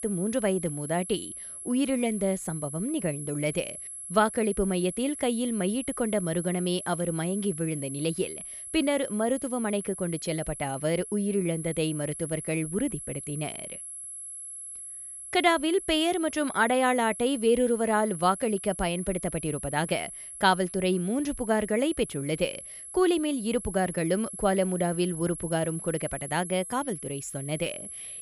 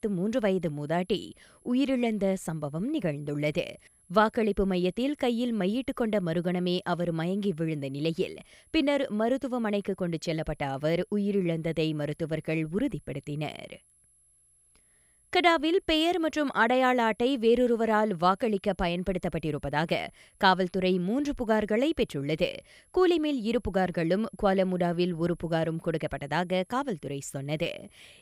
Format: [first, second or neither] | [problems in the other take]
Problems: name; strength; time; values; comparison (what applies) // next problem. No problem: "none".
second | high-pitched whine; loud; throughout; 11 kHz, 9 dB below the speech; faint in the second